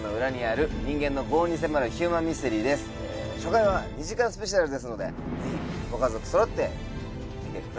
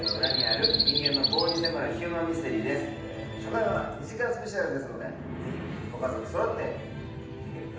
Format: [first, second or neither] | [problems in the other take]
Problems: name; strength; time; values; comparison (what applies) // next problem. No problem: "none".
first | background sound (Bird vocalization, bird call, bird song); 3 dB below the speech // room echo; dies away in 0.9 s